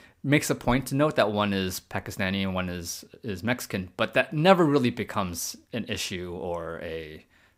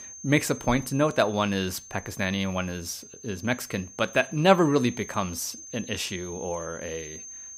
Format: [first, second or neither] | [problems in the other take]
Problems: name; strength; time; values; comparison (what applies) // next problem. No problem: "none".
first | high-pitched whine; noticeable; throughout; 6.5 kHz, 15 dB below the speech